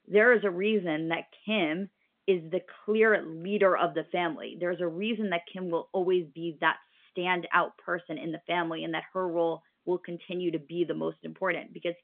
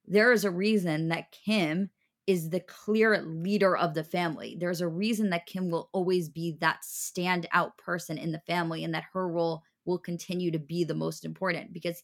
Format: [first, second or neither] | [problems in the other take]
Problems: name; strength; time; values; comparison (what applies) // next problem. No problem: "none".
second | phone-call audio; nothing above 3.5 kHz